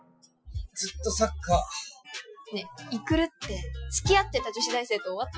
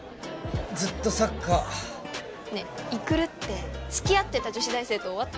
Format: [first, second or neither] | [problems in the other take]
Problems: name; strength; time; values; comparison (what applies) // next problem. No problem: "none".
second | noise reduction (classical method Wiener filter)